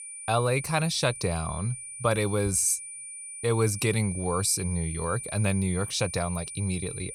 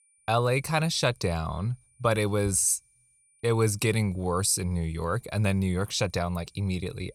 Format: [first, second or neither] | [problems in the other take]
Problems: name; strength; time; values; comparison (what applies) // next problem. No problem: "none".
second | high-pitched whine; loud; throughout; 9.5 kHz, 9 dB below the speech; faint in the second